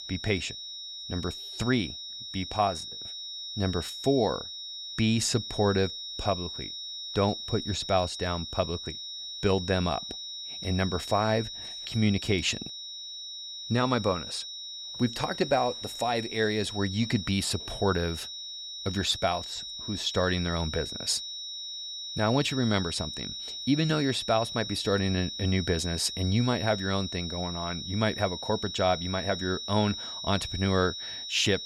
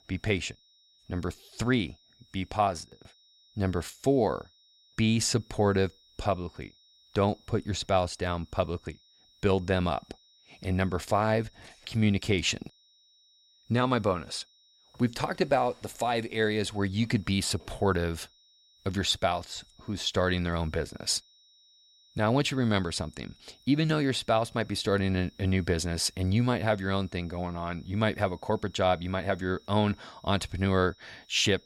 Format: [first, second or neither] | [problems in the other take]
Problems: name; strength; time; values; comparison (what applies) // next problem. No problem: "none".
second | high-pitched whine; loud; throughout; 4 kHz, 7 dB below the speech; faint in the second